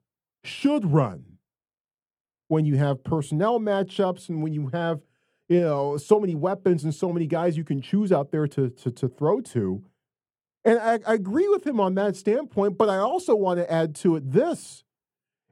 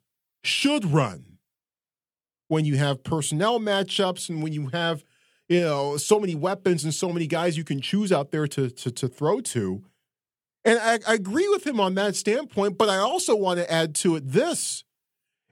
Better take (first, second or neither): second